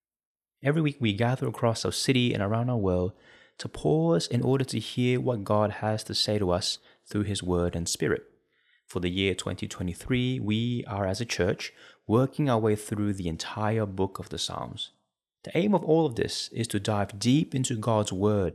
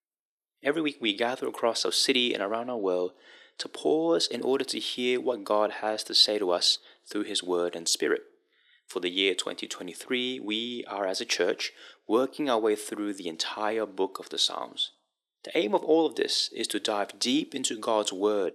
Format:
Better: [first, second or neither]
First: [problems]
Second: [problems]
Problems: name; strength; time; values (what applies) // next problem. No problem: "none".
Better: first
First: none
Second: thin; somewhat; fading below 300 Hz